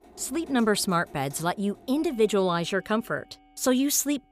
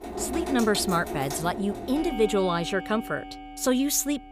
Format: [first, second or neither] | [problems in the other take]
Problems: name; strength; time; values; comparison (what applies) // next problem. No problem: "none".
first | household noises; loud; throughout; 8 dB below the speech; faint in the first